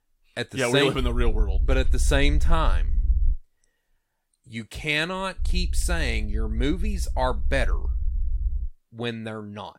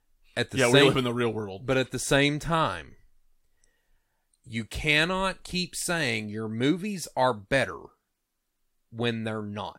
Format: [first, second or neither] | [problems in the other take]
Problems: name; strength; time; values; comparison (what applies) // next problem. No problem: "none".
second | low rumble; faint; from 1 to 3.5 s and from 5.5 to 8.5 s; 25 dB below the speech